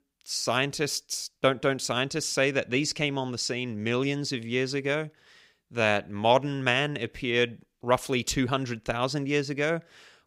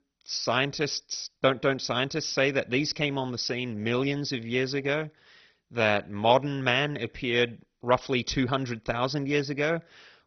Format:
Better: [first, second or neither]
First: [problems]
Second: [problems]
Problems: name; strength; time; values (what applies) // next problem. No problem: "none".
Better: first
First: none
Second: garbled, watery; badly; nothing above 6 kHz